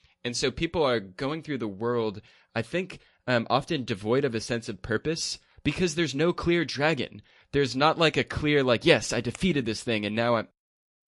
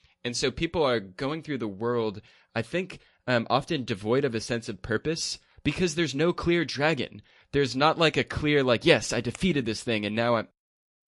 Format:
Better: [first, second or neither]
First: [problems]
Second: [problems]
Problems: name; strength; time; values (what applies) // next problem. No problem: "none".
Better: neither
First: garbled, watery; slightly; nothing above 11 kHz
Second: garbled, watery; slightly; nothing above 11 kHz